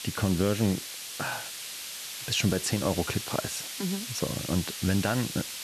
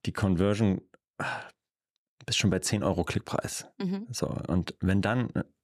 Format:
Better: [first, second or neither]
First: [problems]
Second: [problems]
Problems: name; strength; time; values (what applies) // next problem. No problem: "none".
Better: second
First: hiss; loud; throughout; 6 dB below the speech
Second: none